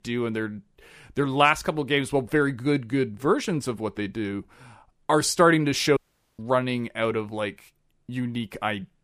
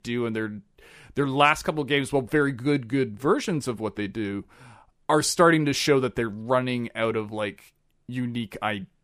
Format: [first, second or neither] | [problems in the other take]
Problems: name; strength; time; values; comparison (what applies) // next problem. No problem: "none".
second | audio cutting out; at 6 s